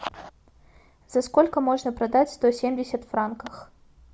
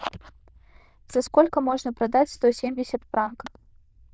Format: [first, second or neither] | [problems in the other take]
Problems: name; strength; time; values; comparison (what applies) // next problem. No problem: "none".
first | noise reduction (neural diffusion model UNIVERSE++)